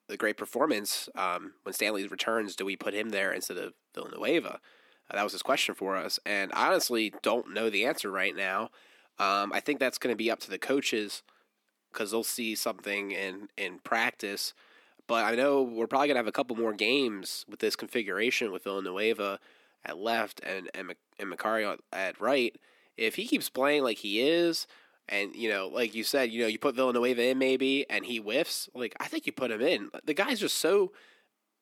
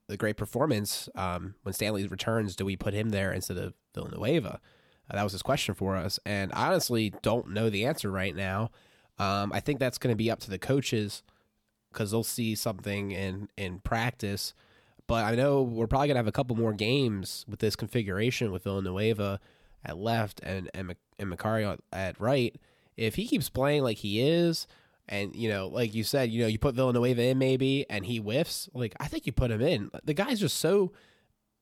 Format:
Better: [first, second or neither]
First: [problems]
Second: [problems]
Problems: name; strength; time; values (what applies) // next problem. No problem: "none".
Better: second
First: thin; somewhat; fading below 300 Hz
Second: none